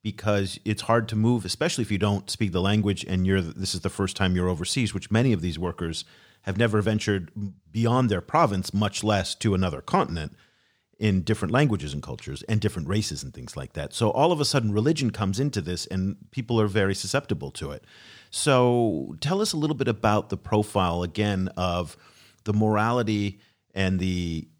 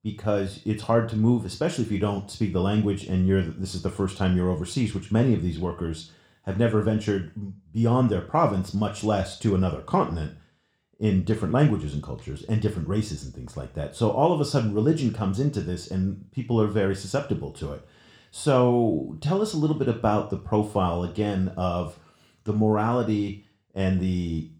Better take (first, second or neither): first